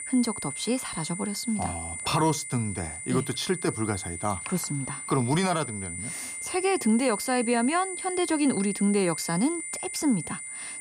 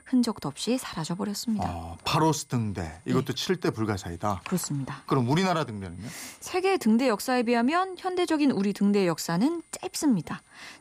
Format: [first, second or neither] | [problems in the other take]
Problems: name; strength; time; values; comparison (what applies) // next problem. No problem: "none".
second | high-pitched whine; loud; throughout; 9 kHz, 6 dB below the speech; faint in the second